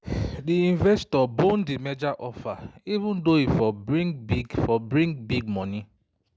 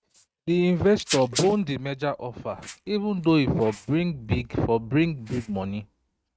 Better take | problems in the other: first | noise reduction (neural mask model RNNoise)

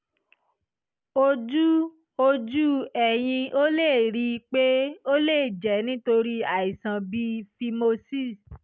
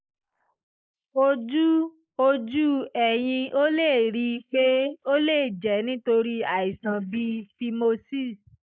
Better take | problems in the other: first | noise reduction (neural mask model Resemble Enhance denoiser)

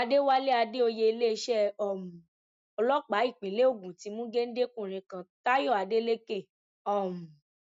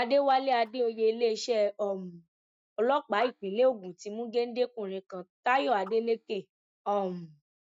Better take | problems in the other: first | noise reduction (neural mask model DeepFilterNet 3)

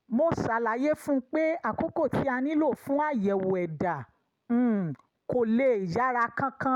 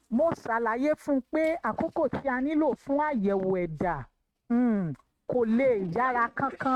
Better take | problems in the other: first | noise reduction (neural mask model RNNoise)

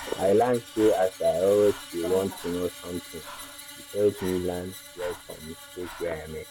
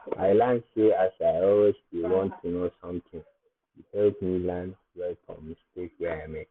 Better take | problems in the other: second | background sound (Breathing + Screech); 15 dB below the speech

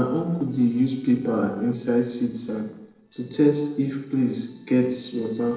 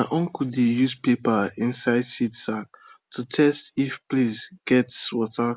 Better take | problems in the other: second | noise reduction (neural separator model SepFormer DNS4)

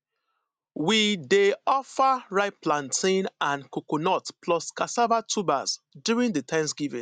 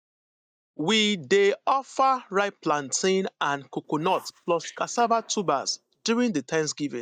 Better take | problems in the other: first | noise reduction (neural mask model DeepFilterNet 3)

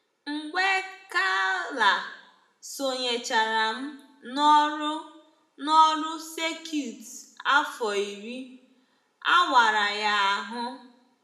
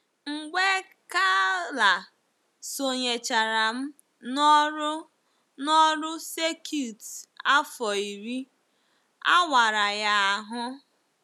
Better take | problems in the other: second | room echo; dies away in 0.7 s

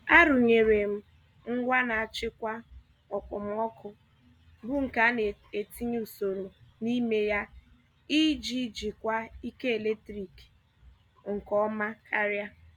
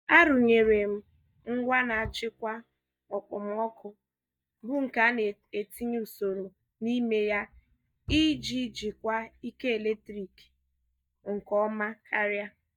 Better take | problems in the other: first | noise reduction (neural mask model DeepFilterNet 3)

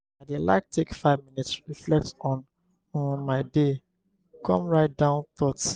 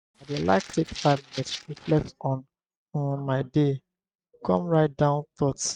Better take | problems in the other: first | noise reduction (neural mask model RNNoise)

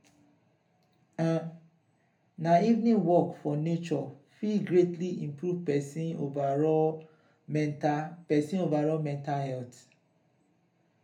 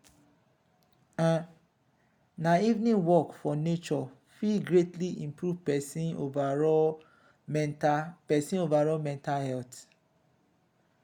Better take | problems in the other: second | room echo; dies away in 0.3 s

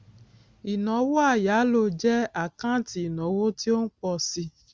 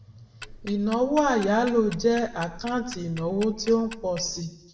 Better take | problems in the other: first | background sound (Tick-tock); 17 dB below the speech // room echo; dies away in 0.6 s

